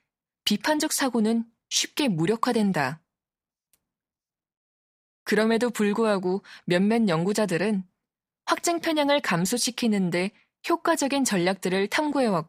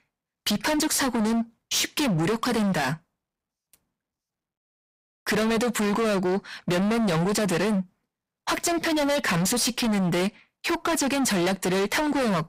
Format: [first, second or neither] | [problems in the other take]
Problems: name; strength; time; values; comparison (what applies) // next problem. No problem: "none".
first | distortion; heavy; 30% of the sound clipped